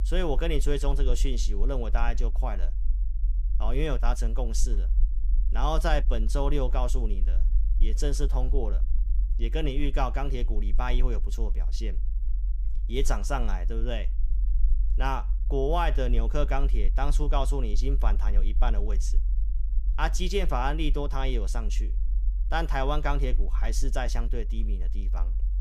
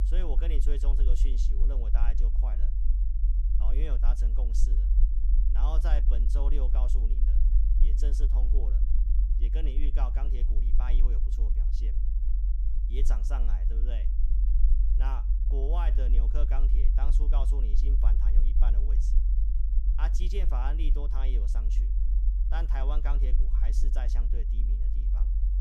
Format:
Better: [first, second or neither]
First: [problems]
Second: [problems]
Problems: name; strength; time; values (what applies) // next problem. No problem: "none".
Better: first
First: low rumble; faint; throughout; 20 dB below the speech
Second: low rumble; loud; throughout; 7 dB below the speech